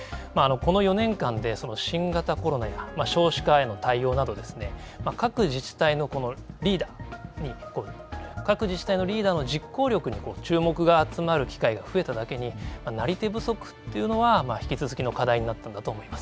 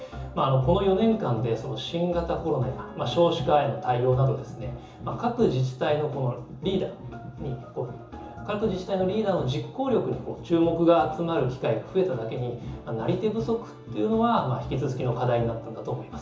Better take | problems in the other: first | room echo; dies away in 0.7 s

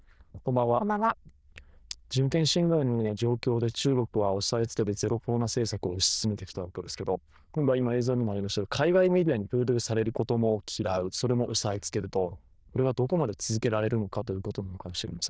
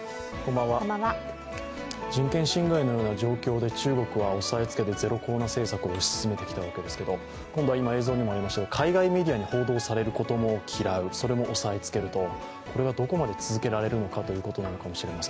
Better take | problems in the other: second | noise reduction (neural diffusion model UNIVERSE++)

